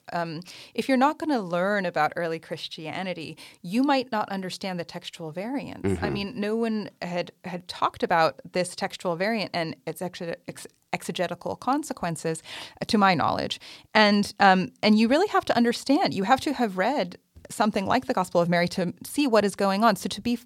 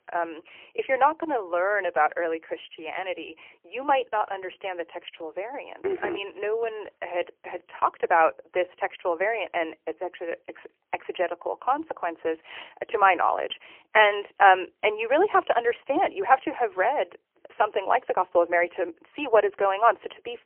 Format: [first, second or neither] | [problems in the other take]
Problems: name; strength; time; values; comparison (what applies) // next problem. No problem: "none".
first | phone-call audio; poor line; nothing above 3 kHz